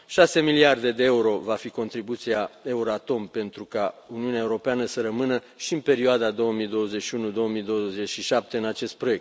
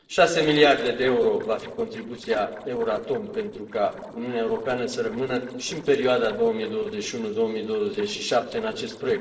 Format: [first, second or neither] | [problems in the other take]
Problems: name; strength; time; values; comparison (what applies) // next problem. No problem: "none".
first | noise reduction (neural separator model SepFormer DNS4)